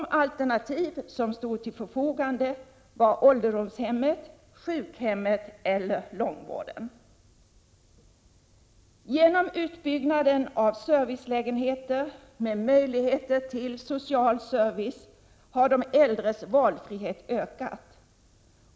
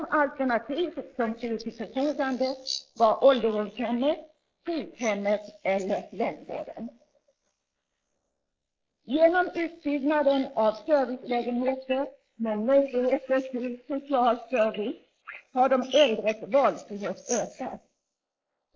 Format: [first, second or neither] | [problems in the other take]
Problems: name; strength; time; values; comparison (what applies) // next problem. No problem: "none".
first | noise reduction (neural mask model Resemble Enhance denoiser)